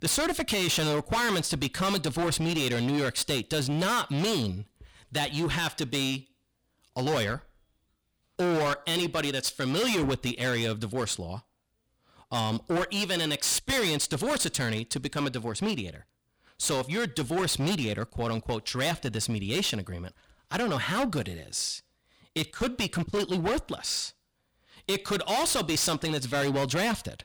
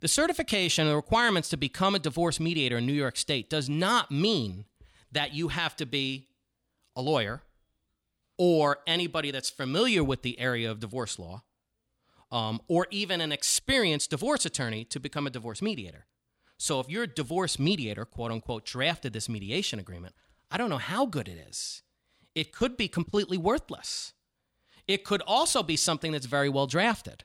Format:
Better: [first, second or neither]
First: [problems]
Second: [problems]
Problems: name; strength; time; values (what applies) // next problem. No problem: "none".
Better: second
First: distortion; heavy; 18% of the sound clipped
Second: none